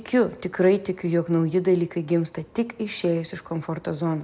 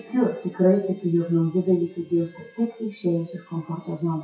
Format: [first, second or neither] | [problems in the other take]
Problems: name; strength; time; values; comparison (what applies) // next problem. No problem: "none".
first | noise reduction (classical method WPE with log-MMSE)